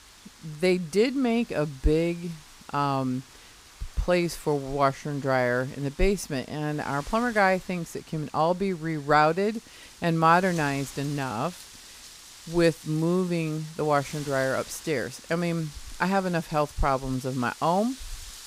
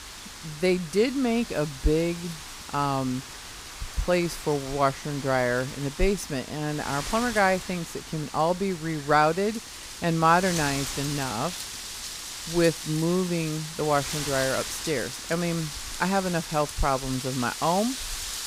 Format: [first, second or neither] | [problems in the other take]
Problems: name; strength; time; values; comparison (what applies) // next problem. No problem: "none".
first | wind noise on the microphone; heavy; 9 dB below the speech; occasional gusts in the first